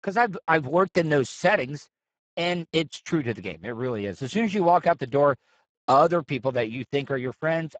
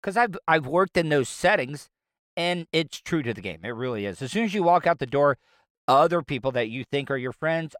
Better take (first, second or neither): second